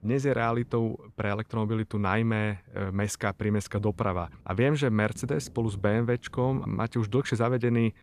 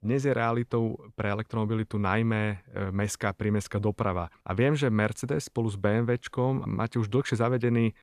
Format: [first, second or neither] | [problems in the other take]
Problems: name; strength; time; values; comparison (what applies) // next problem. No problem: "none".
second | rain or running water; faint; throughout; 20 dB below the speech